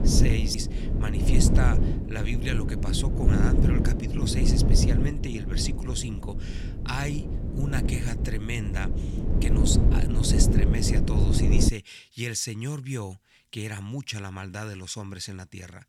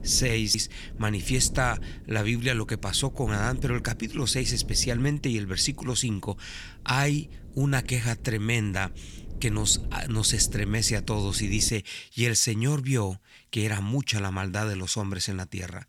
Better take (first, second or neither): second